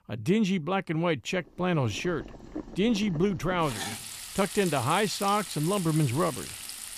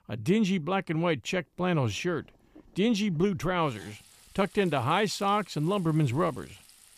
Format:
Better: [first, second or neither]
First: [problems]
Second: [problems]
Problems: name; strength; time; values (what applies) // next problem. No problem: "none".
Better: second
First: household noises; loud; from 2 s on; 10 dB below the speech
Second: household noises; faint; from 2 s on; 25 dB below the speech